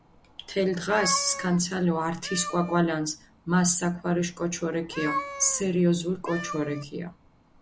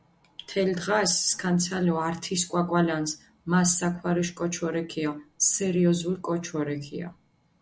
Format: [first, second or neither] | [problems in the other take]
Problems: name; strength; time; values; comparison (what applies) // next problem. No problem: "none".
second | background sound (Meow); 12 dB below the speech